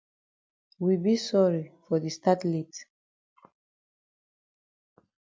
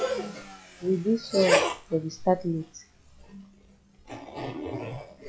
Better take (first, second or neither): first